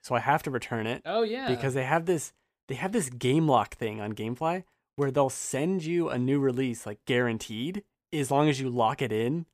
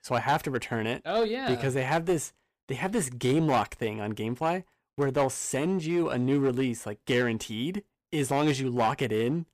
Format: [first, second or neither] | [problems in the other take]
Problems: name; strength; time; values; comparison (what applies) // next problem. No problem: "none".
first | distortion; slight; 6% of the sound clipped